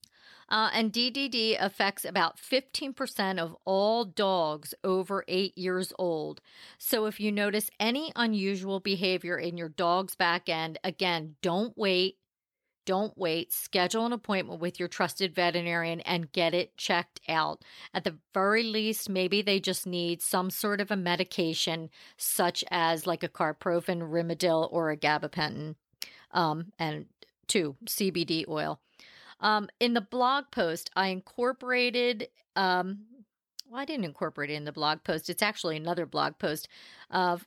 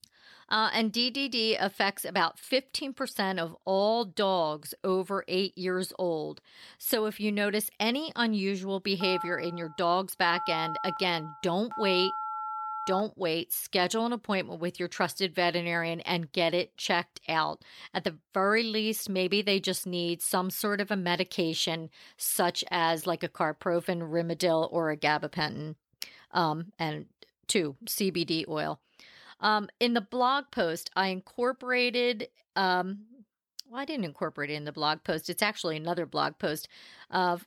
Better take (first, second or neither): first